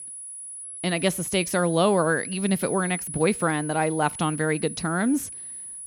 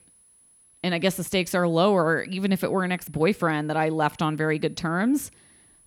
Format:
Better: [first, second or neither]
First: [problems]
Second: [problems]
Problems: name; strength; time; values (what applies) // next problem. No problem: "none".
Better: second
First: high-pitched whine; loud; throughout; 10 kHz, 9 dB below the speech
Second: high-pitched whine; faint; throughout; 10 kHz, 30 dB below the speech